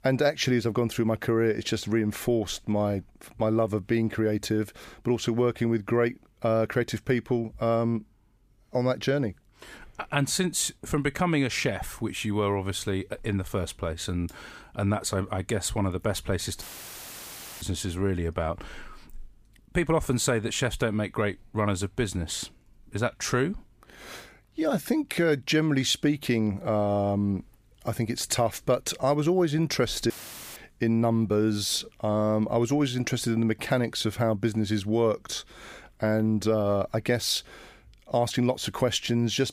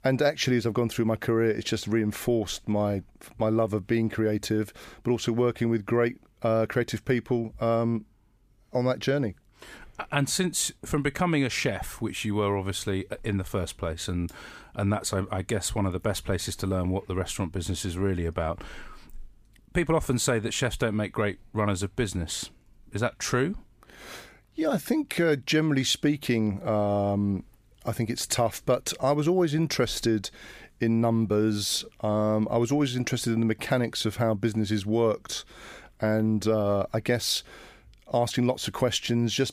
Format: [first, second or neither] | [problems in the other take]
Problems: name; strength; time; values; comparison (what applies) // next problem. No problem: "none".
second | audio cutting out; filled with static; at 17 s for 1 s and at 30 s